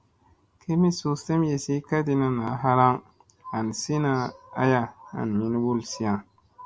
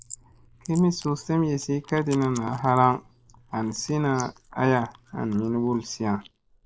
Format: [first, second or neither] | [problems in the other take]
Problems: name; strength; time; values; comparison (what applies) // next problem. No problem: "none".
first | noise reduction (neural mask model Resemble Enhance denoiser)